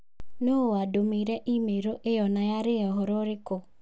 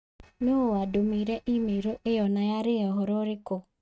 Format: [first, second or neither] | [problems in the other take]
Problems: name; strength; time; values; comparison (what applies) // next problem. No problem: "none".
first | noise reduction (neural mask model RNNoise)